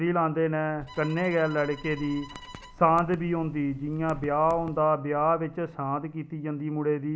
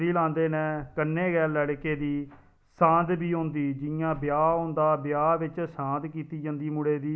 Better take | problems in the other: second | background sound (Bowed string instrument + Typing); 18 dB below the speech

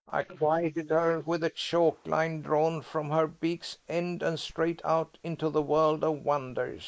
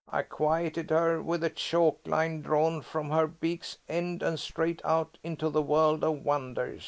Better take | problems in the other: second | noise reduction (neural mask model Resemble Enhance denoiser)

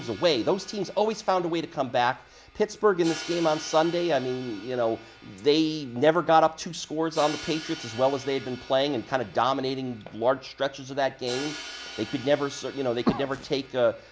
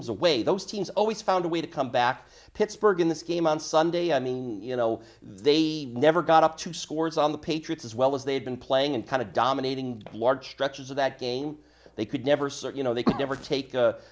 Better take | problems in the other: second | background sound (Crash cymbal); 17 dB below the speech

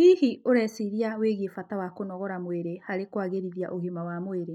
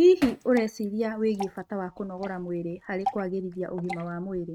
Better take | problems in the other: first | noise reduction (neural mask model RNNoise)

